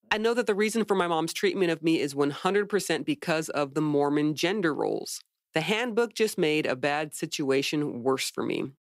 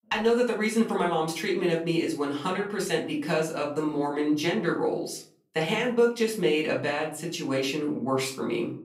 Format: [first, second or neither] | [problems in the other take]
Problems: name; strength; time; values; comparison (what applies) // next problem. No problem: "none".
first | off-mic speech; far // room echo; slight; dies away in 0.4 s